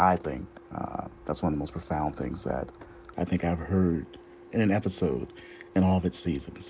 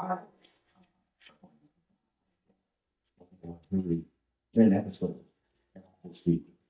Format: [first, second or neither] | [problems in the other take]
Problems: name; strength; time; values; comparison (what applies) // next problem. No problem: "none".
first | noise reduction (neural mask model DeepFilterNet 3)